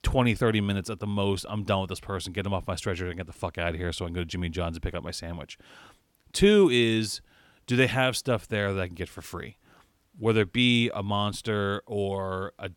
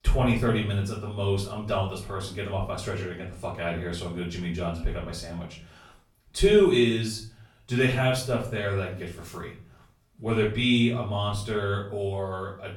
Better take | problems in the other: first | off-mic speech; far // room echo; slight; dies away in 0.4 s

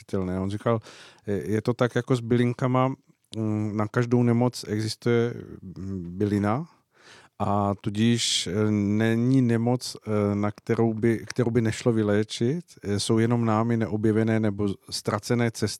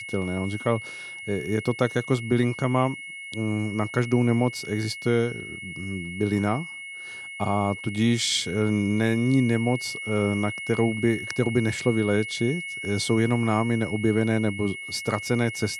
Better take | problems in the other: first | high-pitched whine; loud; throughout; 2 kHz, 9 dB below the speech

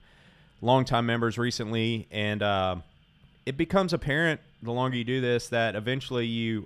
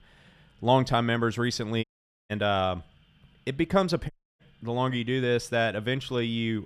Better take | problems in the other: first | audio cutting out; at 2 s and at 4 s

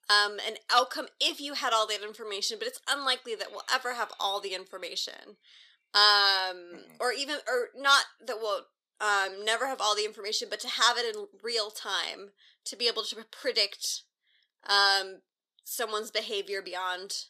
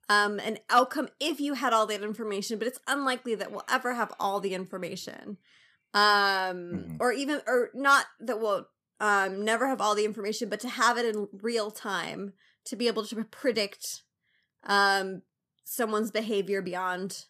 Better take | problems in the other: second | thin; somewhat; fading below 400 Hz

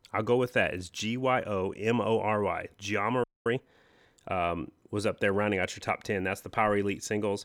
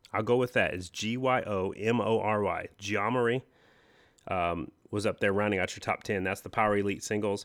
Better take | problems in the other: second | audio freezing; at 3 s

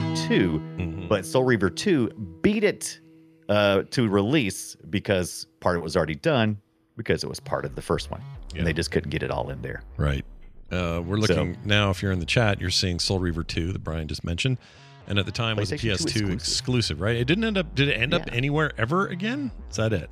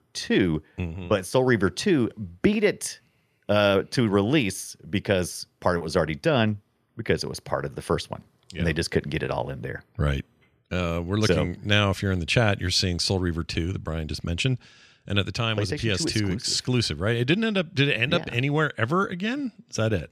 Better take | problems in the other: second | background music; noticeable; throughout; 15 dB below the speech

